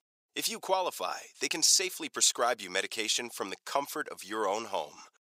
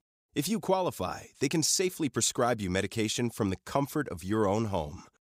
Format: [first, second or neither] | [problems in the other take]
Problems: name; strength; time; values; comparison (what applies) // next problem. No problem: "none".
second | thin; very; fading below 600 Hz